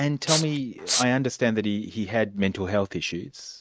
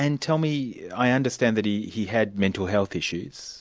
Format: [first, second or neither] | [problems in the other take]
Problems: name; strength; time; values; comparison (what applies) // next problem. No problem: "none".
second | noise reduction (neural mask model RNNoise)